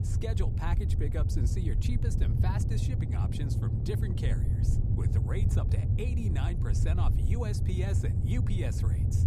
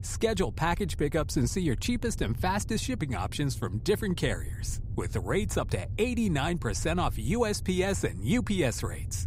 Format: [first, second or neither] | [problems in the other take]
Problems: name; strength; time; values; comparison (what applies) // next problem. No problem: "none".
second | low rumble; loud; throughout; 1 dB below the speech; faint in the second